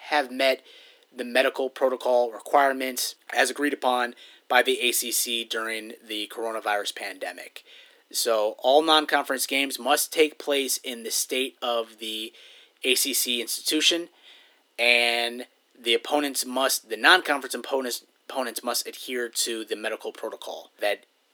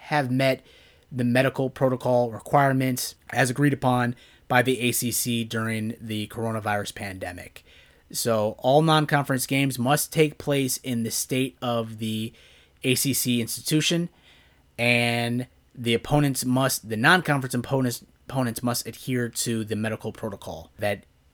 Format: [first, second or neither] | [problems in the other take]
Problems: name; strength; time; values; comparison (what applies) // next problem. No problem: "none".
second | thin; somewhat; fading below 300 Hz